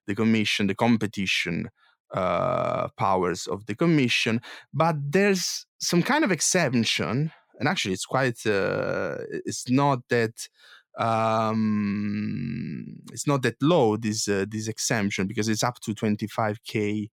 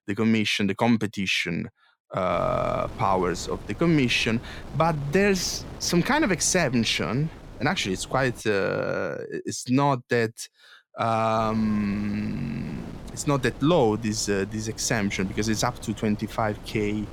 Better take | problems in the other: first | wind noise on the microphone; occasional gusts; from 2.5 to 8.5 s and from 11 s on; 20 dB below the speech

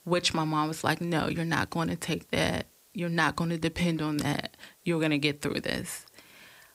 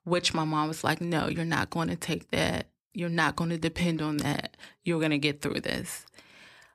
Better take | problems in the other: second | hiss; faint; throughout; 30 dB below the speech

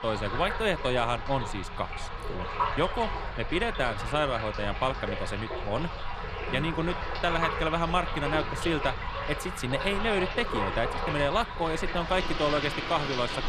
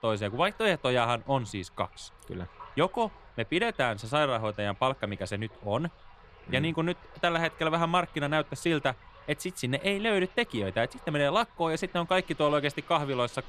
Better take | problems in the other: second | rain or running water; loud; throughout; 4 dB below the speech; faint in the second

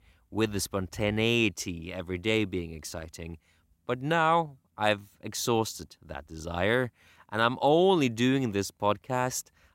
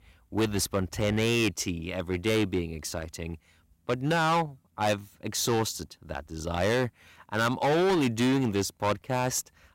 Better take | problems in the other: first | distortion; heavy; 10% of the sound clipped

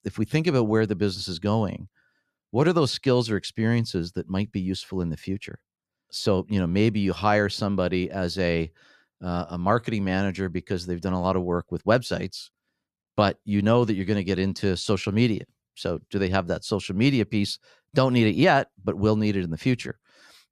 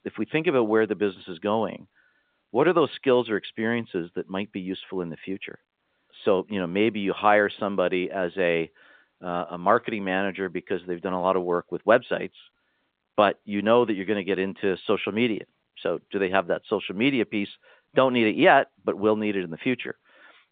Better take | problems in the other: first | phone-call audio; nothing above 3.5 kHz

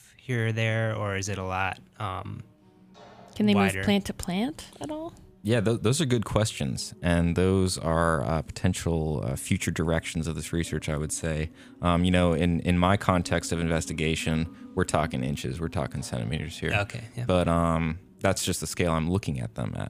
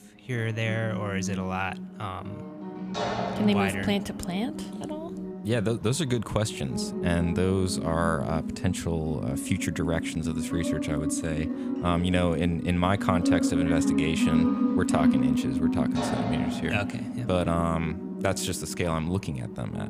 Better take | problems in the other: first | background music; loud; throughout; 1 dB below the speech; faint in the first

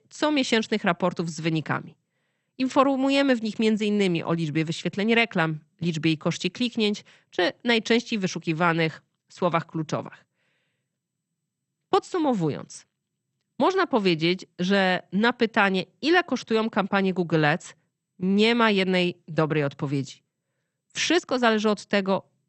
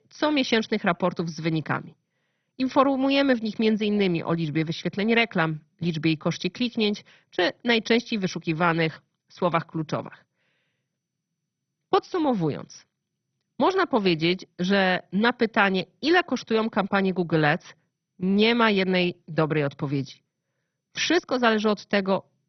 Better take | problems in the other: first | garbled, watery; badly; nothing above 6 kHz; slightly in the first

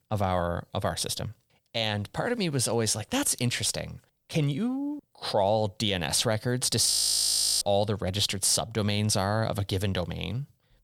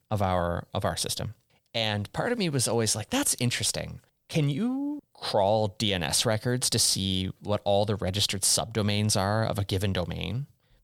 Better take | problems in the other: second | audio freezing; at 7 s for 0.5 s

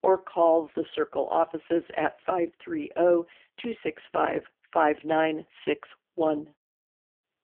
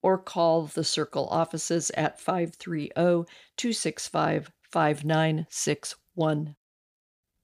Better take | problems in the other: second | phone-call audio; poor line

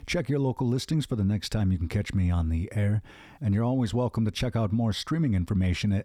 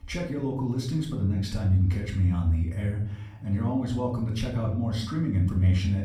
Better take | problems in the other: first | off-mic speech; far // room echo; slight; dies away in 0.5 s

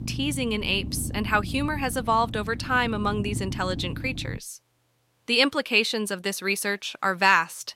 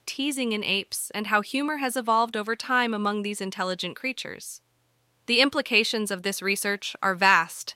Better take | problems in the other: second | low rumble; noticeable; until 4.5 s; 20 dB below the speech

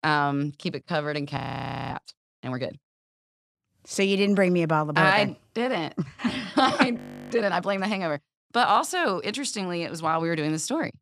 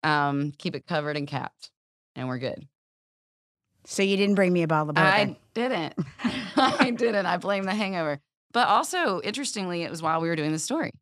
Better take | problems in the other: second | audio freezing; at 1.5 s for 0.5 s and at 7 s

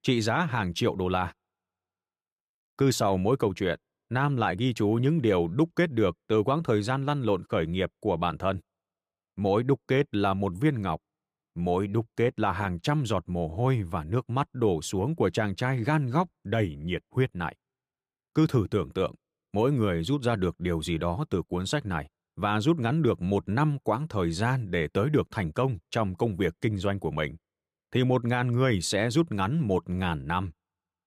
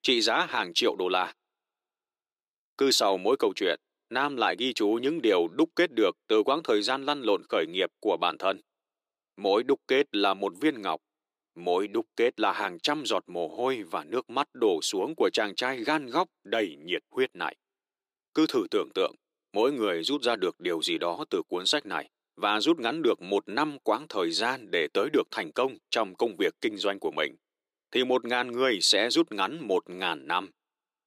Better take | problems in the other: first | thin; somewhat; fading below 300 Hz

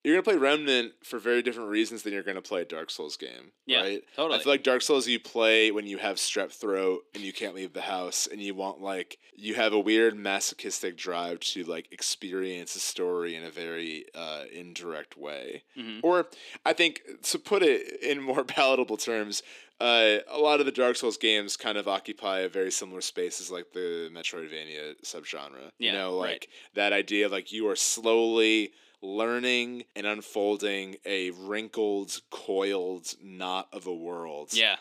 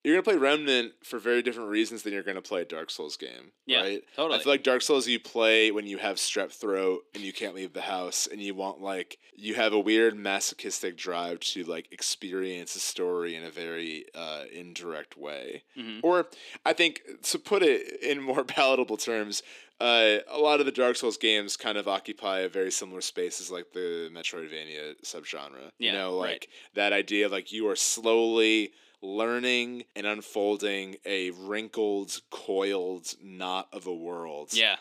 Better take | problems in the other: neither | thin; somewhat; fading below 250 Hz; the same in both

